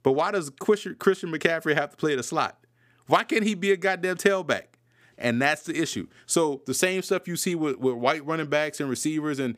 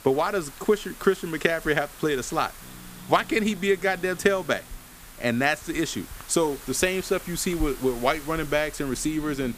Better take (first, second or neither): first